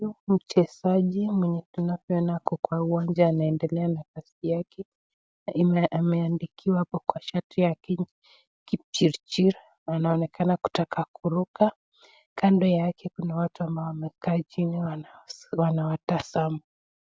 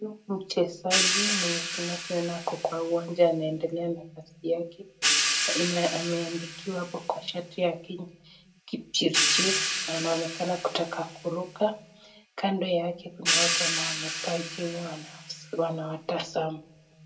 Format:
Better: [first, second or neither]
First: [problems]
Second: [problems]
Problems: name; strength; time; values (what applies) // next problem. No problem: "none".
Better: first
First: none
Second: background sound (Hi-hat); 1 dB below the speech // room echo; dies away in 0.2 s